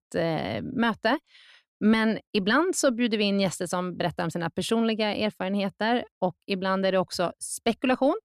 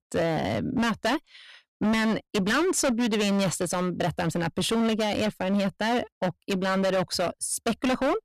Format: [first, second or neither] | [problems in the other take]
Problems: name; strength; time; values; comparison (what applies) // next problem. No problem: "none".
first | distortion; heavy; 20% of the sound clipped